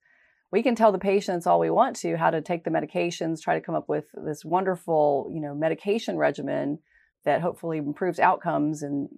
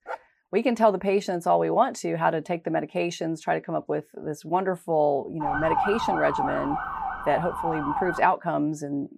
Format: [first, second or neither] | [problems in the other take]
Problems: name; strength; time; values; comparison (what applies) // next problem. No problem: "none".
first | dog barking; faint; at the start; peak 15 dB below the speech // siren; loud; from 5.5 to 8 s; peak 1 dB above the speech